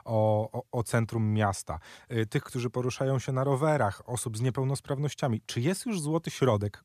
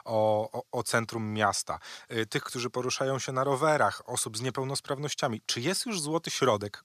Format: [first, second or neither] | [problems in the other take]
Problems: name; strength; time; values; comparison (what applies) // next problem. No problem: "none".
first | thin; somewhat; fading below 400 Hz